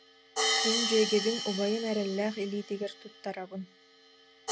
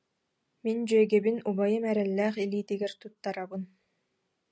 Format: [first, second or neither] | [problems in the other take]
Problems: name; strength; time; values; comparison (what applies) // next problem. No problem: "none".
second | background sound (Hi-hat); 3 dB below the speech